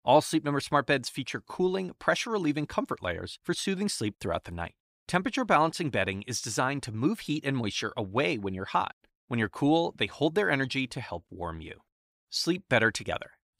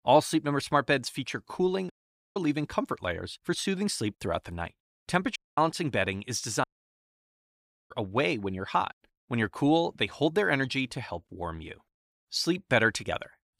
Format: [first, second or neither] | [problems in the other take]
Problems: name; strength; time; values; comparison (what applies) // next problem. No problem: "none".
first | audio cutting out; at 2 s, at 5.5 s and at 6.5 s for 1.5 s